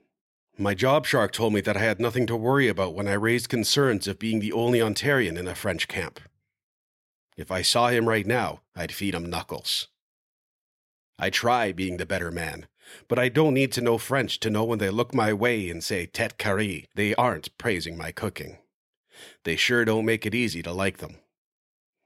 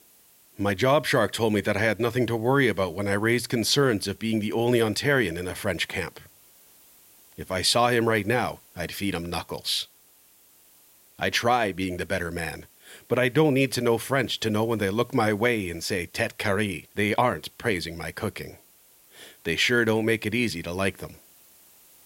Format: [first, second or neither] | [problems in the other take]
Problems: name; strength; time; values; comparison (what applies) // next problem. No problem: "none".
first | hiss; faint; throughout; 30 dB below the speech